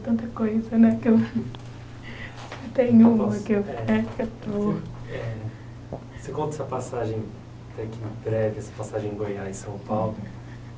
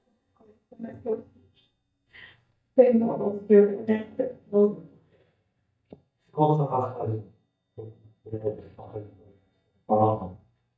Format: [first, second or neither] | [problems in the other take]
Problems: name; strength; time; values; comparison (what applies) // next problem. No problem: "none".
first | noise reduction (neural mask model DeepFilterNet 3)